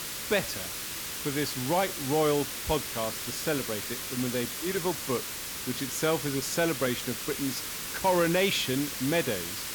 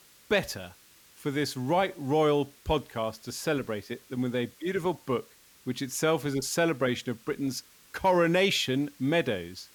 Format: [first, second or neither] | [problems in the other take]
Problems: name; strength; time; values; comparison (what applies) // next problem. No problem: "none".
second | hiss; loud; throughout; 3 dB below the speech; faint in the second